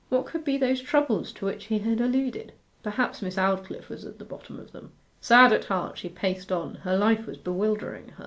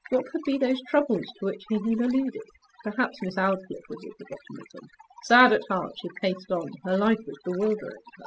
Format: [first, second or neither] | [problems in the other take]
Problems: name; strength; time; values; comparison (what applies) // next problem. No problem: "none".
first | noise reduction (classical method spectral subtraction)